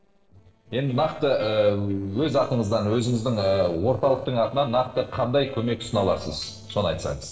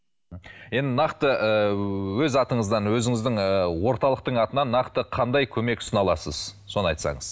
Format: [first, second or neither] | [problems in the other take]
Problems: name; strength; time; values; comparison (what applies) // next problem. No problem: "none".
second | noise reduction (neural separator model SepFormer DNS4)